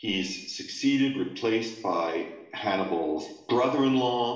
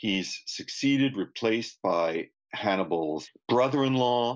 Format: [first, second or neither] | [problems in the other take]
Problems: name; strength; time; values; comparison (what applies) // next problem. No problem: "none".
second | room echo; dies away in 0.8 s